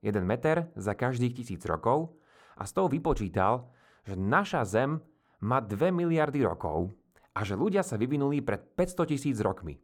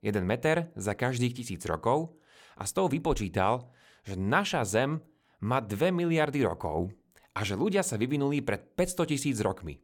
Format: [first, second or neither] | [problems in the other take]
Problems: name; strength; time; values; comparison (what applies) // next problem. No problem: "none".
second | muffled; slightly; fading above 1.5 kHz